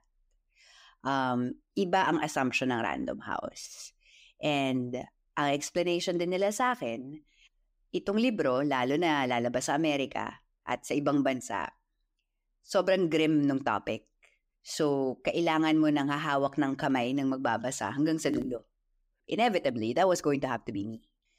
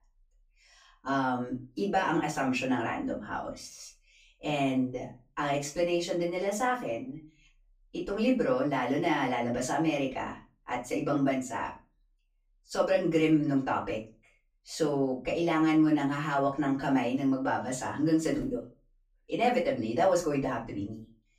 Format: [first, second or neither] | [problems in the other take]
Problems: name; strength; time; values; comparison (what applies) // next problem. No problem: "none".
first | off-mic speech; far // room echo; slight; dies away in 0.3 s